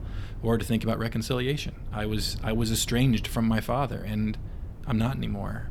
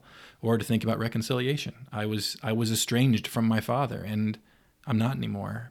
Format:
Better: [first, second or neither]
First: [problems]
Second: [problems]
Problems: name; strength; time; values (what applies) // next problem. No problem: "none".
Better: second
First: low rumble; faint; throughout; 20 dB below the speech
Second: none